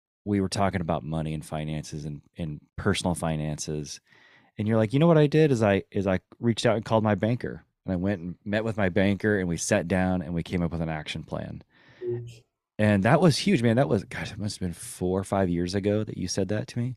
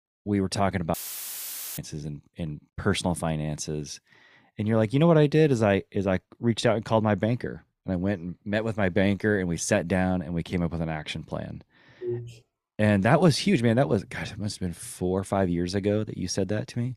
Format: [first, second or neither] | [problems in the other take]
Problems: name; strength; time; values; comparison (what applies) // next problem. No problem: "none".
first | audio cutting out; filled with static; at 1 s for 1 s